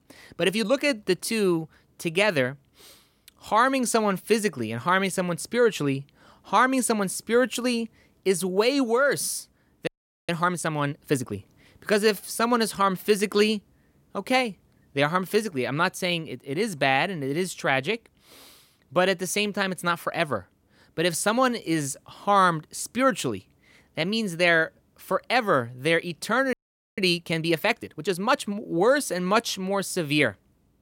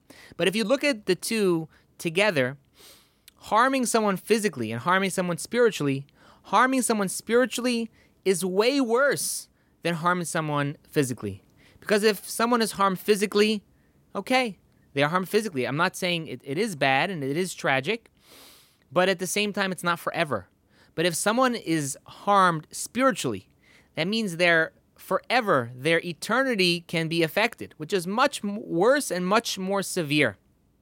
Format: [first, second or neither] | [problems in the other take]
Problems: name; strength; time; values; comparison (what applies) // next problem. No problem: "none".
second | audio freezing; at 10 s and at 27 s